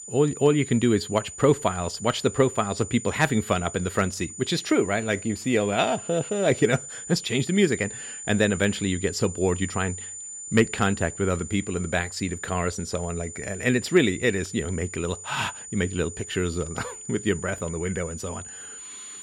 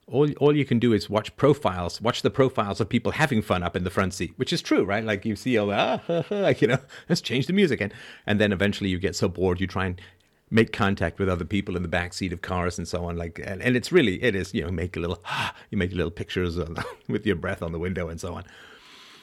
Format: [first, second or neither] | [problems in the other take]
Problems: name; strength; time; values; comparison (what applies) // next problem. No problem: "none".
second | high-pitched whine; noticeable; throughout; 7 kHz, 10 dB below the speech